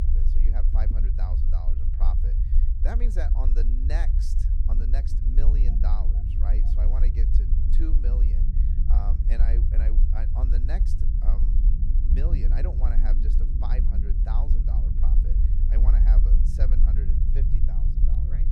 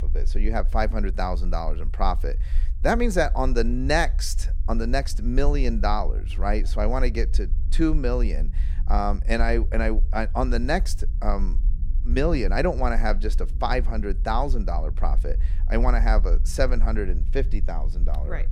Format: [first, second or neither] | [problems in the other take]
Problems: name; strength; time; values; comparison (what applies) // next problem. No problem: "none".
second | low rumble; loud; throughout; 2 dB below the speech; faint in the second